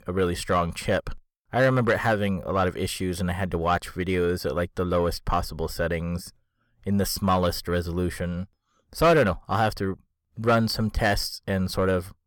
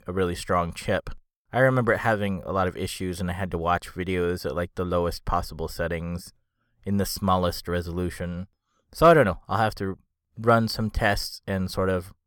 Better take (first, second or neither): second